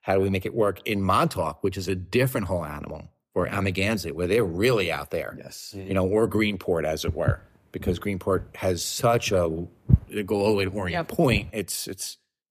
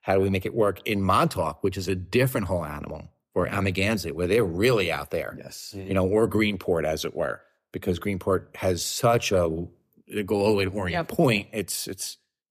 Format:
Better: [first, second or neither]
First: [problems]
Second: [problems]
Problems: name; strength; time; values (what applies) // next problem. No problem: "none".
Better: second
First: footsteps; loud; from 7 to 11 s; peak 2 dB above the speech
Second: none